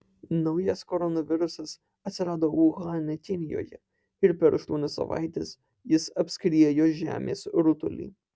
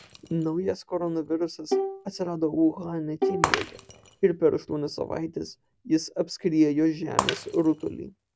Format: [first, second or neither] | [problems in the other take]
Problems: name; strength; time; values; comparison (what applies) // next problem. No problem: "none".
first | background sound (Bowed string instrument + Shatter); 7 dB below the speech